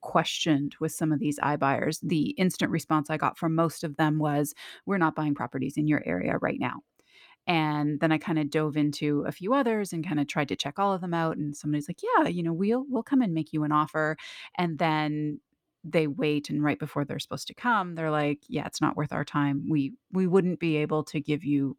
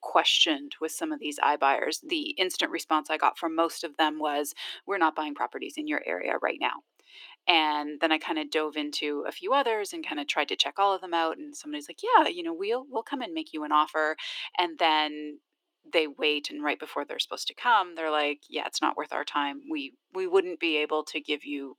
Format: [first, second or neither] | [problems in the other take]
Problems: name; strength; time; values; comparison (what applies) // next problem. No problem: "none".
first | thin; somewhat; fading below 350 Hz